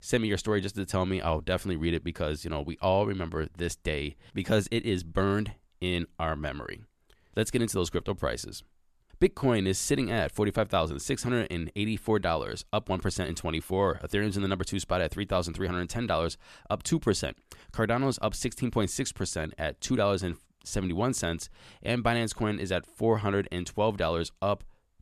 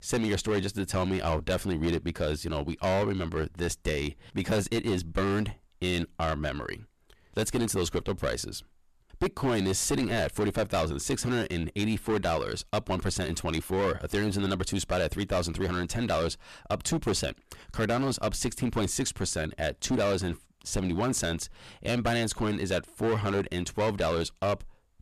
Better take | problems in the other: first | distortion; heavy; 11% of the sound clipped

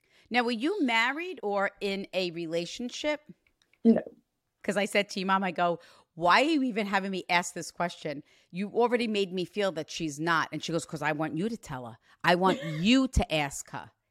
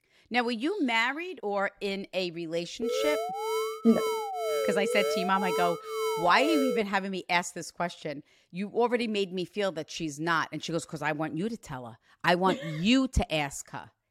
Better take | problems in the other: first | alarm; noticeable; from 3 to 7 s; peak level with the speech

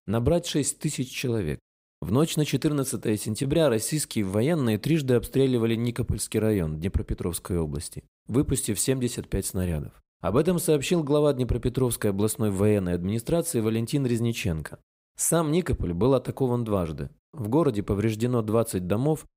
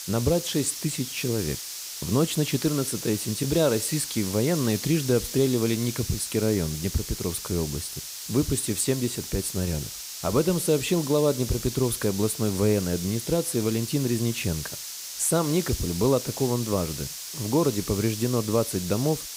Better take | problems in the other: first | hiss; loud; throughout; 7 dB below the speech

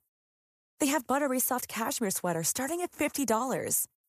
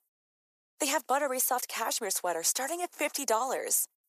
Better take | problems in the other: first | thin; somewhat; fading below 400 Hz

